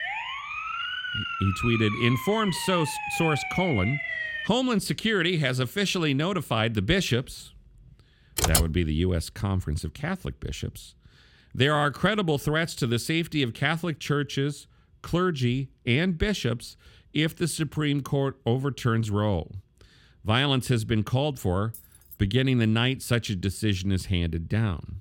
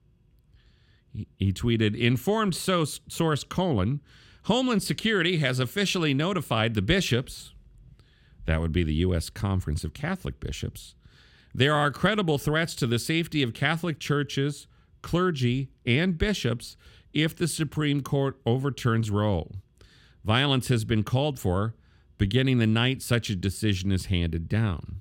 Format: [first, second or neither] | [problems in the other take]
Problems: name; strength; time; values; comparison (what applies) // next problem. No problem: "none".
second | siren; noticeable; until 4.5 s; peak 3 dB below the speech // keyboard typing; loud; at 8.5 s; peak 3 dB above the speech // jangling keys; faint; at 22 s; peak 20 dB below the speech